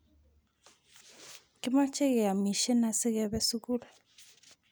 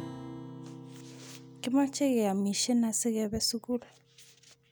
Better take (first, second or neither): first